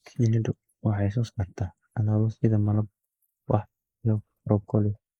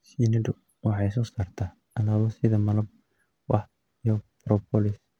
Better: second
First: noise reduction (neural mask model Resemble Enhance denoiser)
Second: none

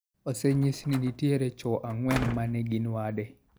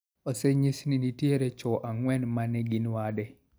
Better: second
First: background sound (Slam); 12 dB below the speech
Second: none

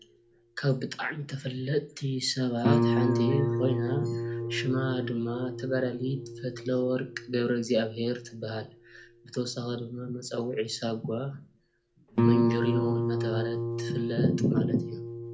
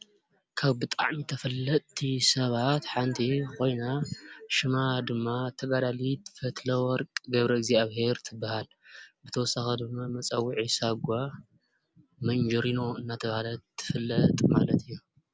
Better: second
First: background sound (Guitar); 1 dB below the speech // room echo; dies away in 0.3 s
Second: none

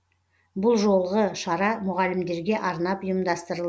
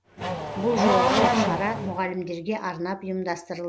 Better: first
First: none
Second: background sound (Race car, auto racing / Accelerating, revving, vroom); 3 dB above the speech

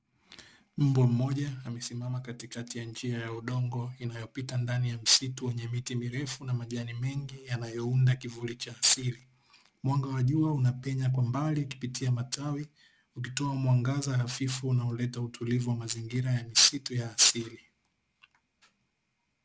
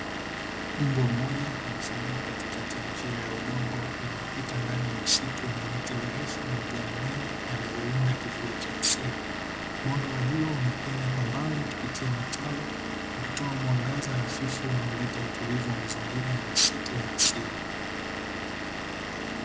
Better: first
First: none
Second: background sound (Engine / Vehicle); 2 dB below the speech

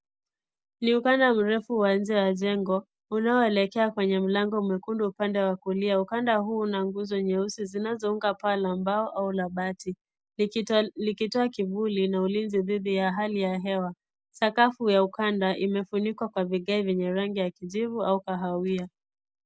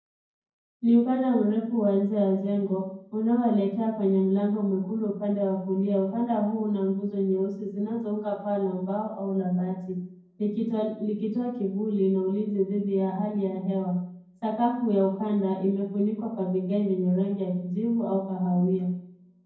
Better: first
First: none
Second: room echo; dies away in 0.9 s

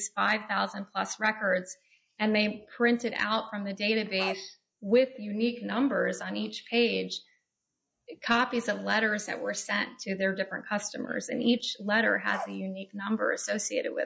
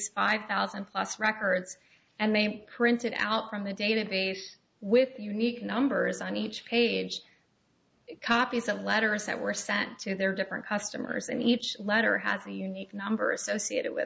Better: second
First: noise reduction (classical method log-MMSE)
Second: none

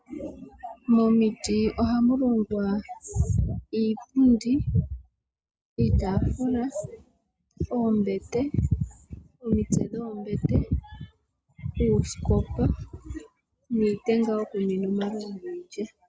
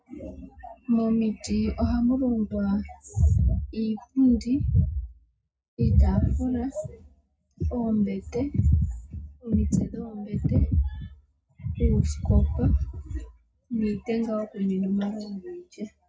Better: first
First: none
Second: room echo; dies away in 0.4 s

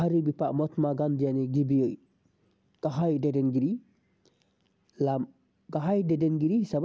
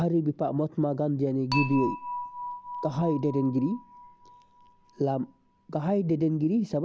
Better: first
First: none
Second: background sound (Dishes, pots, and pans / Chink, clink); 11 dB below the speech

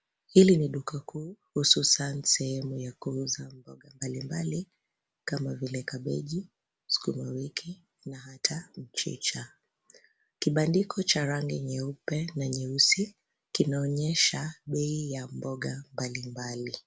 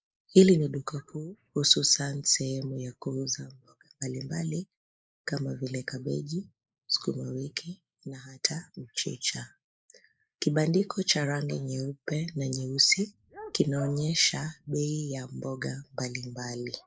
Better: first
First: none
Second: noise reduction (neural mask model Resemble Enhance denoiser)

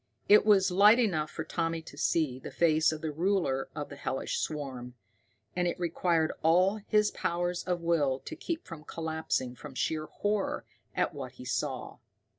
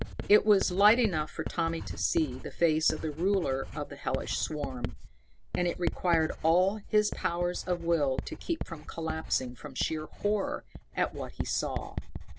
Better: first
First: none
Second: background sound (Writing); 8 dB below the speech

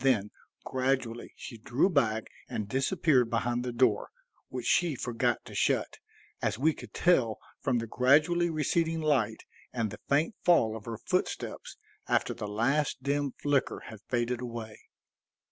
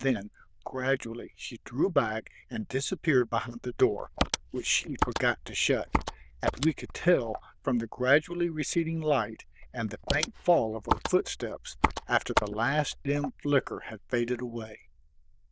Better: first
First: none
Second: noise reduction (neural diffusion model UNIVERSE++)

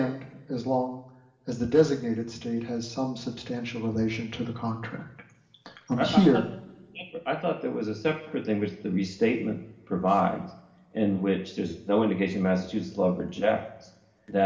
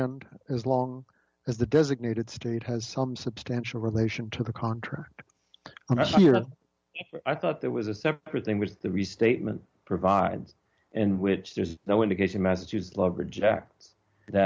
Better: second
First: room echo; dies away in 0.8 s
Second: none

